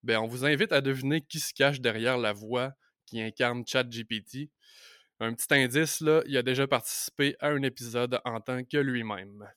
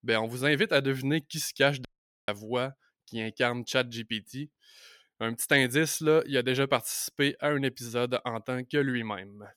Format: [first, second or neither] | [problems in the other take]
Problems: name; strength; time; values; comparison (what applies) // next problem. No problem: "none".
first | audio cutting out; at 2 s